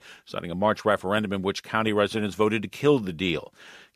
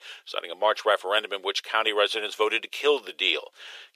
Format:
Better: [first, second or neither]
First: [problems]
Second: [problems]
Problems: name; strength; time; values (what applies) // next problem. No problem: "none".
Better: first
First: none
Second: thin; very; fading below 400 Hz